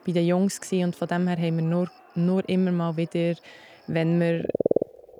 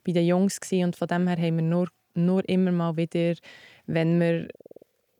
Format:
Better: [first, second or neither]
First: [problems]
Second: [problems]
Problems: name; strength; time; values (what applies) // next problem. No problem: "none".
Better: second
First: animal sounds; loud; throughout; 2 dB below the speech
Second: animal sounds; faint; throughout; 30 dB below the speech